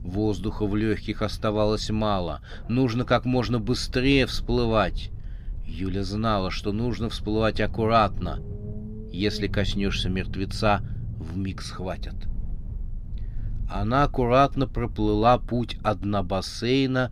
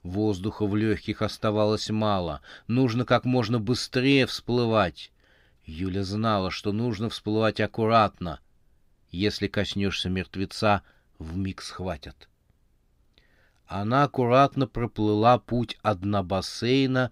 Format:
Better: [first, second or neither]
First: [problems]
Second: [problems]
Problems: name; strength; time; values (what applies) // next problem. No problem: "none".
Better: second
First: low rumble; faint; throughout; 25 dB below the speech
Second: none